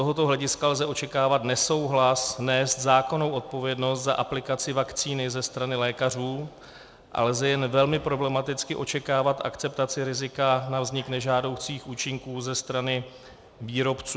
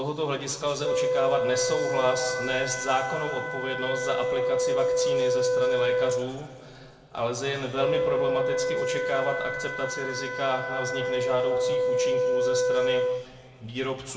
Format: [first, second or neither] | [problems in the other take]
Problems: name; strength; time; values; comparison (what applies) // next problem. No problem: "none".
first | background sound (Wind instrument, woodwind instrument); 3 dB above the speech // room echo; dies away in 1.9 s